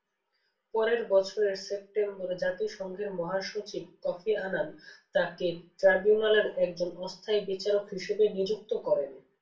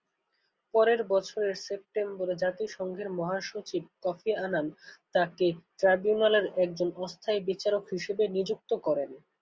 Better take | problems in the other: second | room echo; dies away in 0.3 s

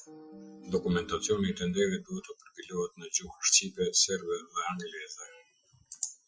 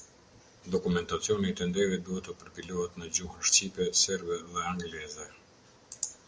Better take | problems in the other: second | noise reduction (classical method Wiener filter)

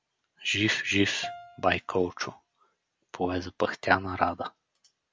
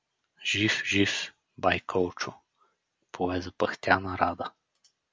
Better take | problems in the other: second | background sound (Piano); 19 dB below the speech

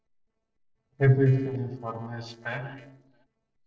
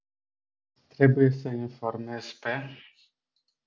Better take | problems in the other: second | noise reduction (neural separator model SepFormer DNS4)

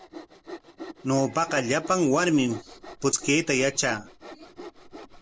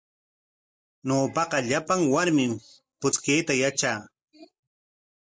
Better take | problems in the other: second | background sound (Sawing); 16 dB below the speech

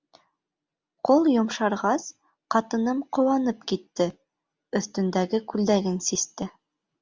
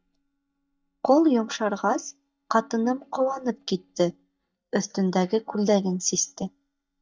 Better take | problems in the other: first | noise reduction (neural mask model DeepFilterNet 3)

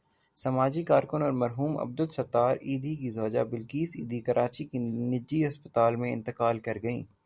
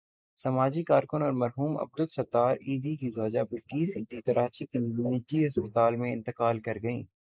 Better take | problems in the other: first | noise reduction (neural mask model Resemble Enhance denoiser)

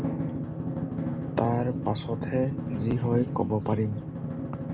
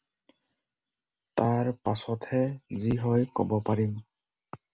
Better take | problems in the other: second | background sound (Drum); 2 dB below the speech

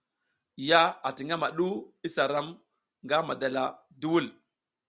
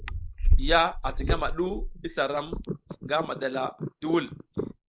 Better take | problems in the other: first | noise reduction (neural mask model Resemble Enhance denoiser)

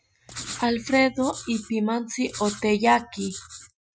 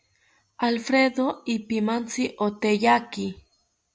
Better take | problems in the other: second | noise reduction (classical method Wiener filter)

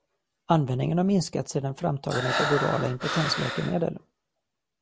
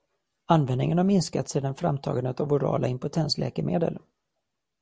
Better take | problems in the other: second | background sound (Breathing); 3 dB below the speech

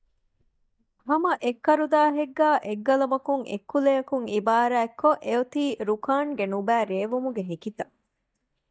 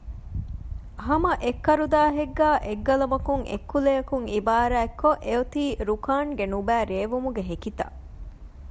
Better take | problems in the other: second | noise reduction (neural mask model DeepFilterNet 3)

